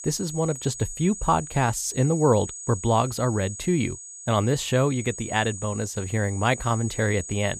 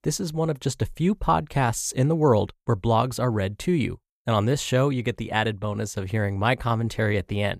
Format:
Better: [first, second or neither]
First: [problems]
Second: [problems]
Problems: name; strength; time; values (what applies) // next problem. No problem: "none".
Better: second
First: high-pitched whine; noticeable; throughout; 6.5 kHz, 10 dB below the speech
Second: none